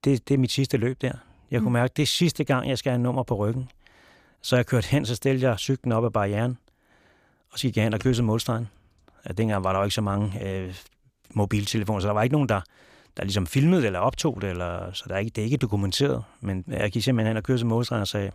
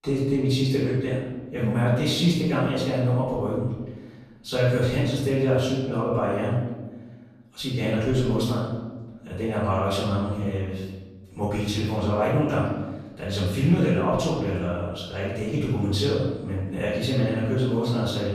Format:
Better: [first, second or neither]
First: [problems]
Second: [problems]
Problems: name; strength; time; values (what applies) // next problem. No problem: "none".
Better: first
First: none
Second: off-mic speech; far // room echo; noticeable; dies away in 1.1 s